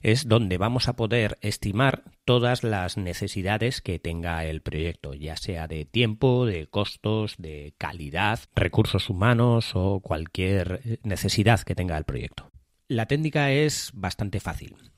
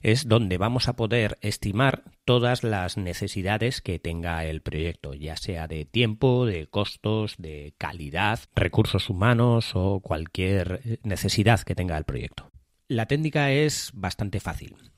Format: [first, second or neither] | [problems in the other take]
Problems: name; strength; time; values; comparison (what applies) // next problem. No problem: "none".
neither | none